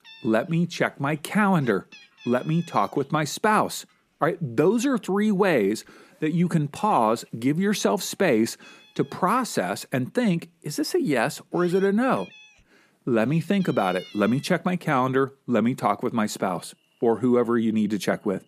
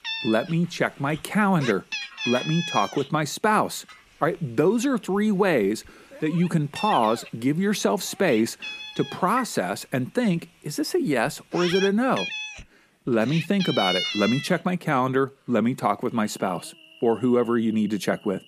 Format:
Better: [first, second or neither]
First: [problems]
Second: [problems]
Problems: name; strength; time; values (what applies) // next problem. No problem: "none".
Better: first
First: animal sounds; faint; throughout; 25 dB below the speech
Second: animal sounds; loud; throughout; 7 dB below the speech